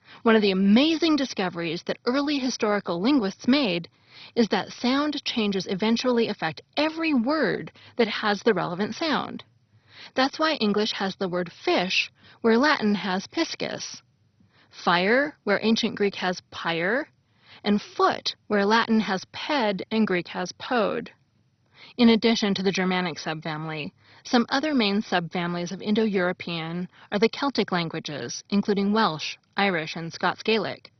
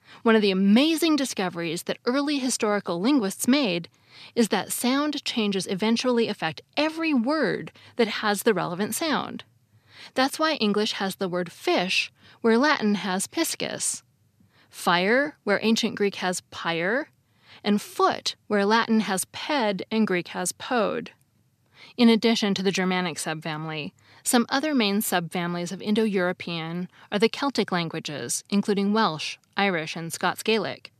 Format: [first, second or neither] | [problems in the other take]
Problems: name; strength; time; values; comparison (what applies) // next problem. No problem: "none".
second | garbled, watery; badly; nothing above 6 kHz